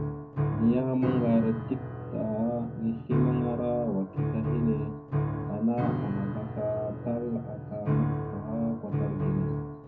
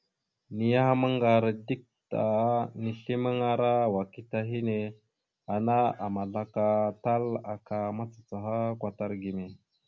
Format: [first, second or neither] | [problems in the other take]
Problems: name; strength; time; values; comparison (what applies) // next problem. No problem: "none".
second | background sound (Piano); 1 dB below the speech // room echo; dies away in 0.4 s